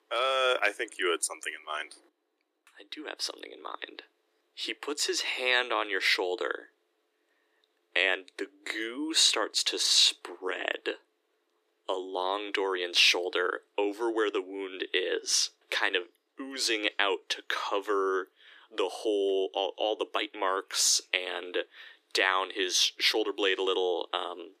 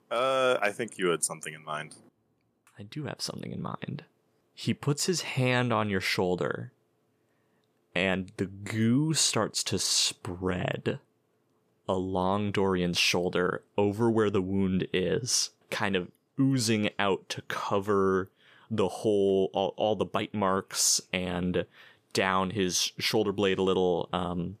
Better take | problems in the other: second | thin; very; fading below 300 Hz

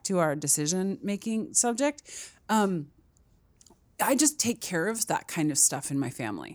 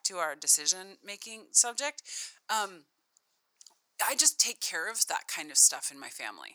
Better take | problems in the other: first | thin; very; fading below 1 kHz

